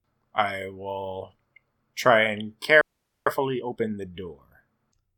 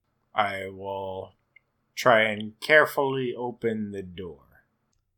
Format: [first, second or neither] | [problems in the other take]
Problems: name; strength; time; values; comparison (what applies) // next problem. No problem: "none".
second | audio freezing; at 3 s